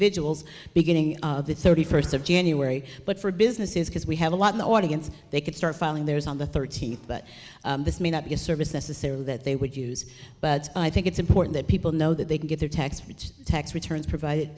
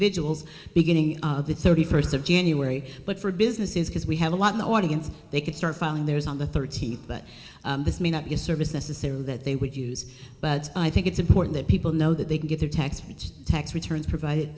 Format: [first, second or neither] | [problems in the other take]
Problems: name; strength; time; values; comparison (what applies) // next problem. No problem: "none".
first | room echo; dies away in 2.1 s